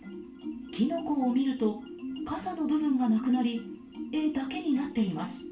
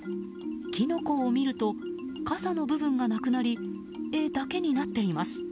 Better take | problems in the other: second | room echo; dies away in 0.3 s

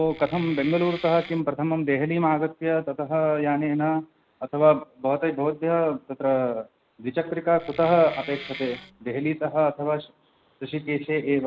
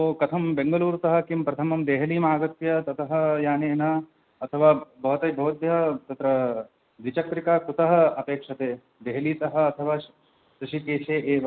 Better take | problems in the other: second | background sound (Wood); 15 dB below the speech

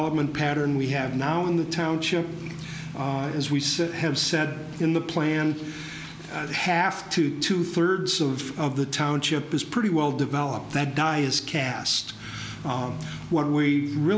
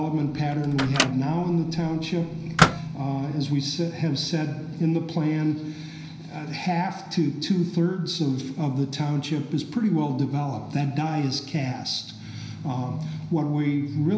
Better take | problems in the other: first | background sound (Microwave oven); 3 dB below the speech // room echo; dies away in 0.9 s

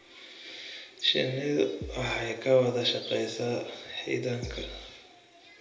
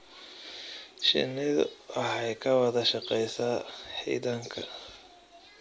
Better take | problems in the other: second | background sound (Bass drum); 11 dB below the speech // room echo; dies away in 0.8 s

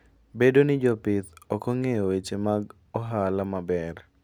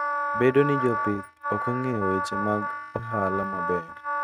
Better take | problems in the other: first | noise reduction (neural mask model RNNoise)

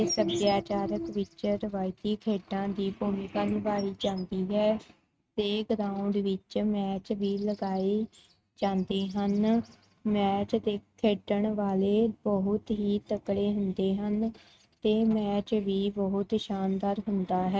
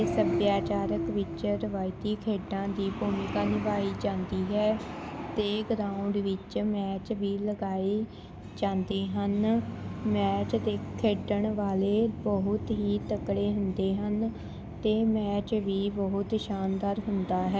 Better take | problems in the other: second | noise reduction (neural mask model RNNoise)

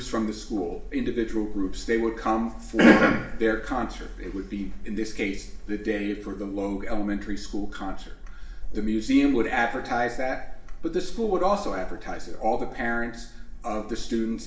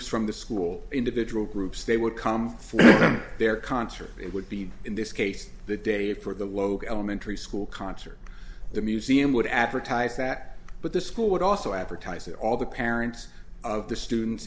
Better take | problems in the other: second | room echo; dies away in 0.7 s

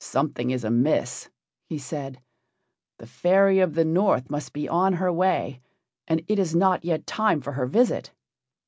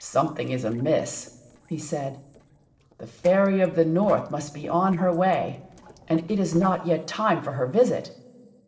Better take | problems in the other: first | noise reduction (neural separator model SepFormer DNS4)

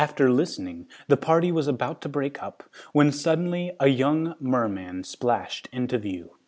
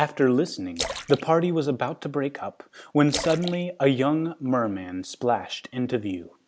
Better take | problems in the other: first | background sound (Splash, splatter); 13 dB below the speech

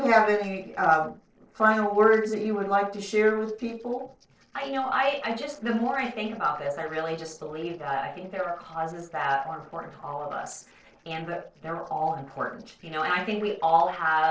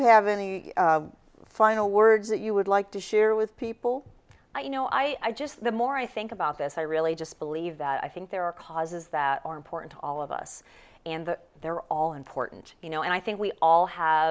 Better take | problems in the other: second | noise reduction (neural separator model SepFormer DNS4)

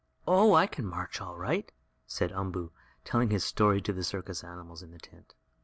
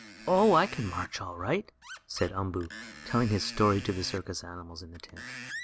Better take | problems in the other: first | background sound (Screech); 15 dB below the speech

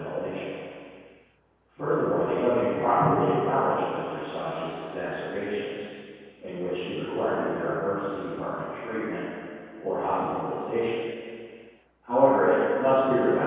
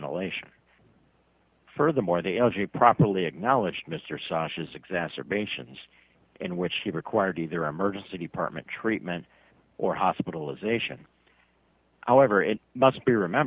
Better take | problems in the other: second | room echo; dies away in 2.2 s

